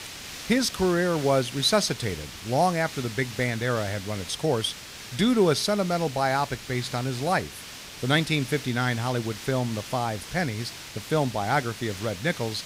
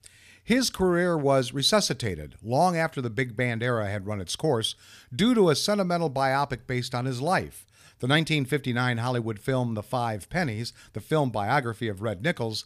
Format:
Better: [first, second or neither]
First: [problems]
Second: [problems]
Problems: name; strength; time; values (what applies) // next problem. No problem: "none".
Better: second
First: hiss; noticeable; throughout; 10 dB below the speech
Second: none